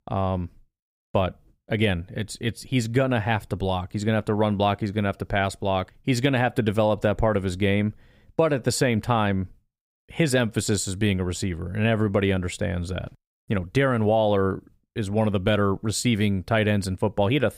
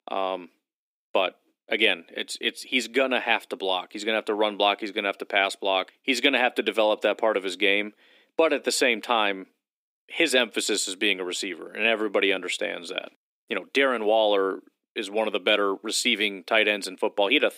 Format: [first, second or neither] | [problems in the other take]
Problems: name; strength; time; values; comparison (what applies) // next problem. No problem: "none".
first | thin; somewhat; fading below 250 Hz